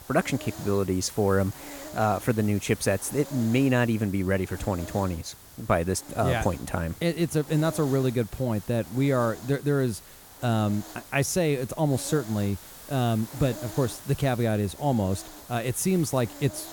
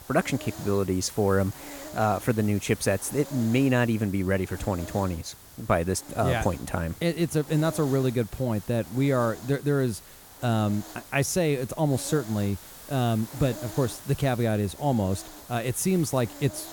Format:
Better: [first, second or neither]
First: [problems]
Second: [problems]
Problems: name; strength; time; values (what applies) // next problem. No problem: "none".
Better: neither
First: hiss; noticeable; throughout; 15 dB below the speech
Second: hiss; noticeable; throughout; 15 dB below the speech